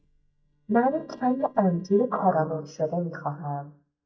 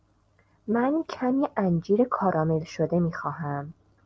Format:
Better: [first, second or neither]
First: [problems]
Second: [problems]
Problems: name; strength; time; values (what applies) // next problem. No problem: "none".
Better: second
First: noise reduction (neural mask model DeepFilterNet 3)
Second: none